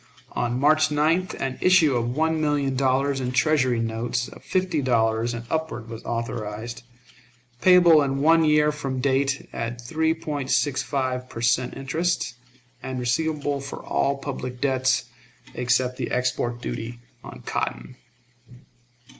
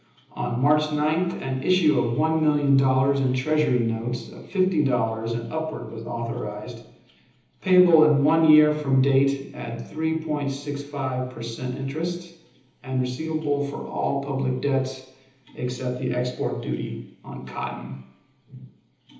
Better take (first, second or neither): first